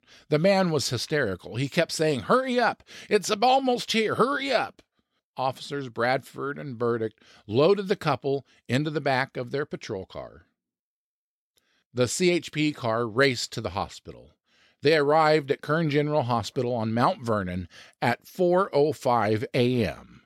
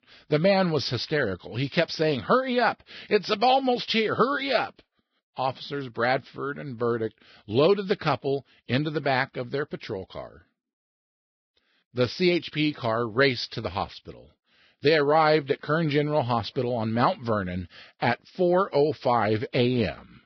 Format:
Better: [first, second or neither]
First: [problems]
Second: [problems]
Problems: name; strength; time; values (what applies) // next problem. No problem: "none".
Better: first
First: none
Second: garbled, watery; badly; nothing above 5.5 kHz